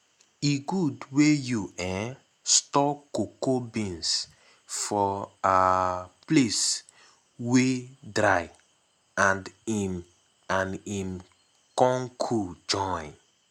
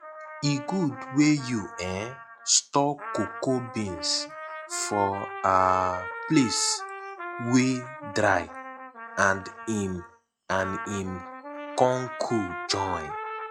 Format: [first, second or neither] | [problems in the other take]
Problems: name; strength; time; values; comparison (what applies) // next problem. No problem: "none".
first | noise reduction (classical method log-MMSE)